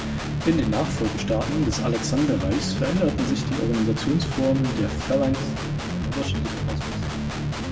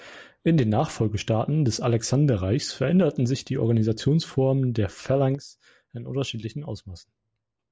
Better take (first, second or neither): second